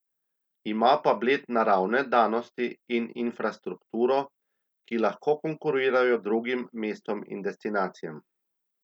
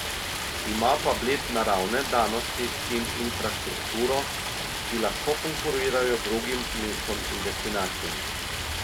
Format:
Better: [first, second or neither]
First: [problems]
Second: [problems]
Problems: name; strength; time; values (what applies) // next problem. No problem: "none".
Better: first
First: none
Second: background sound (Stream); 2 dB below the speech